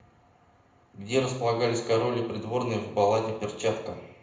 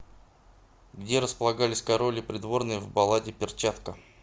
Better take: second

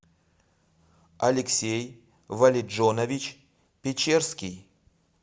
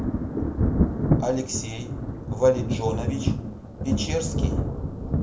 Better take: first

